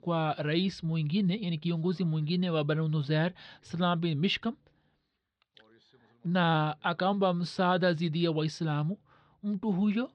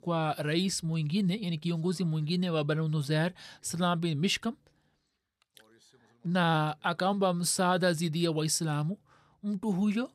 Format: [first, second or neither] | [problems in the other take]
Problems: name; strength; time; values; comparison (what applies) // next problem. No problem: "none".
second | muffled; slightly; fading above 4 kHz